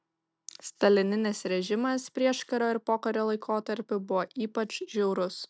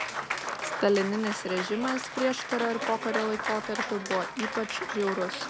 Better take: first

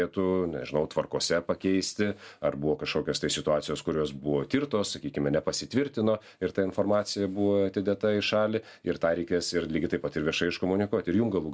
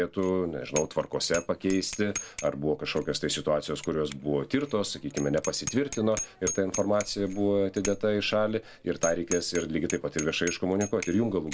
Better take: first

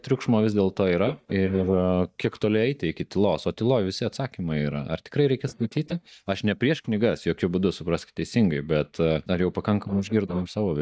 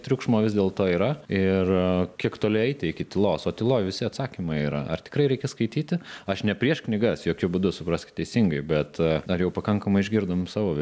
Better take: second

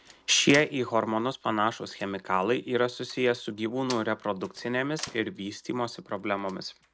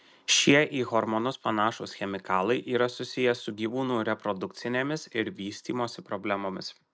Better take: second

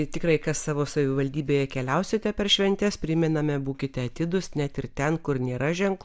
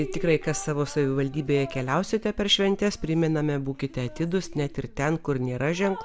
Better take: first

